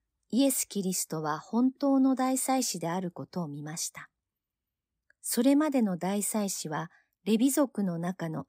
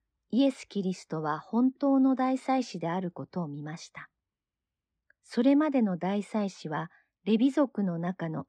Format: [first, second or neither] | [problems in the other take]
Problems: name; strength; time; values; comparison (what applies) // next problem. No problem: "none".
first | muffled; slightly; fading above 3.5 kHz